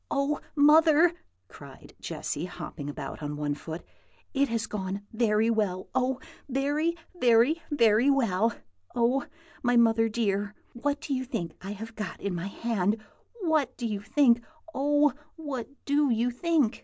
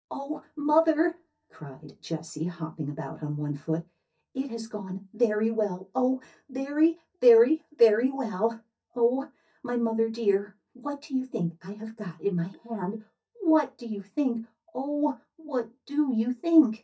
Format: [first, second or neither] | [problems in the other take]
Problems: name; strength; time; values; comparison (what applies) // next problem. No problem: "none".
first | noise reduction (neural mask model DeepFilterNet 3)